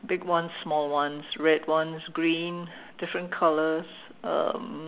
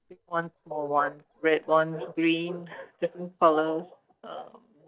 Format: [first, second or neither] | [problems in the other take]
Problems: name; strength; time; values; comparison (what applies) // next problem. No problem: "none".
first | noise reduction (neural mask model DeepFilterNet 3)